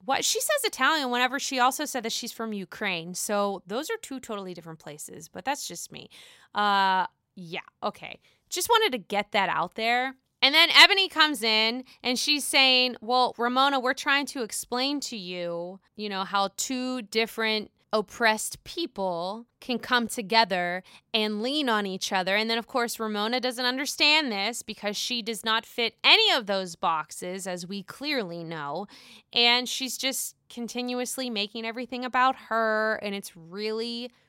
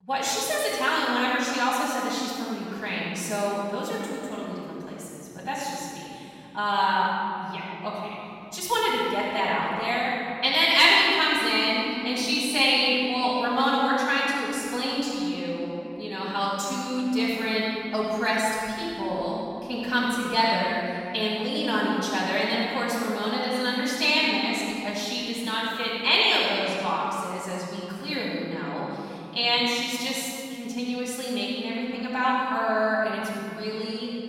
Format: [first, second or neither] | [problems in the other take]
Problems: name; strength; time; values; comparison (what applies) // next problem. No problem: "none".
first | off-mic speech; far // room echo; strong; dies away in 3 s